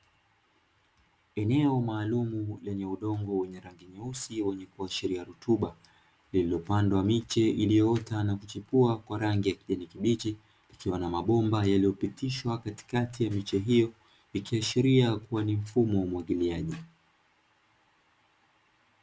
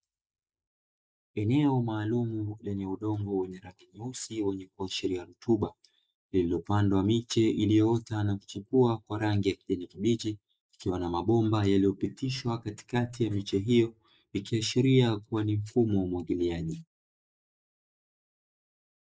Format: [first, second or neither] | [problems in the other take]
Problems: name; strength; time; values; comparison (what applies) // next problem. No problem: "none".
first | noise reduction (neural mask model Resemble Enhance denoiser)